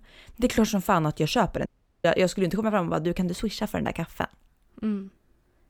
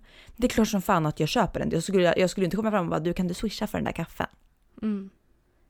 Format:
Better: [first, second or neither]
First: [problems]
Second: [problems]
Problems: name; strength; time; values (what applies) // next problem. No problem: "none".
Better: second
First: audio cutting out; at 1.5 s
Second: none